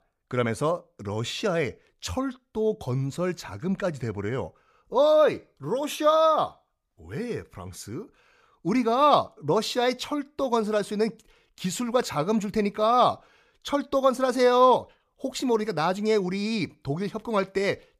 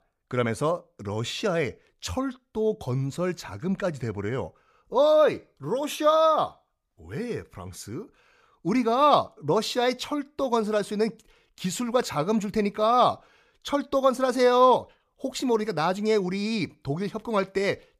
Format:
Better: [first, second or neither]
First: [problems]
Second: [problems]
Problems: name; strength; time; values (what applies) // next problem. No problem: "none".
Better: neither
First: none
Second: none